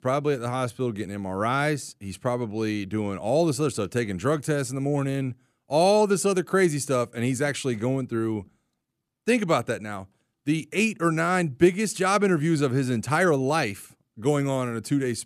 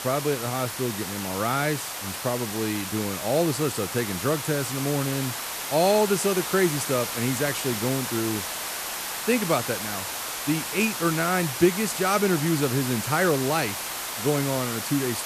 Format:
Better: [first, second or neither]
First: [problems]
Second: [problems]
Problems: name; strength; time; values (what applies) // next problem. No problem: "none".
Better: first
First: none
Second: hiss; loud; throughout; 4 dB below the speech